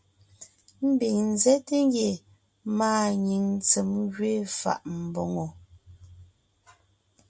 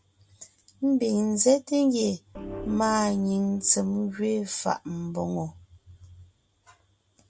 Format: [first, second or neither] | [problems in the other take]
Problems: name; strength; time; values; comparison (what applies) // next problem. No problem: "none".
first | background sound (Organ); 14 dB below the speech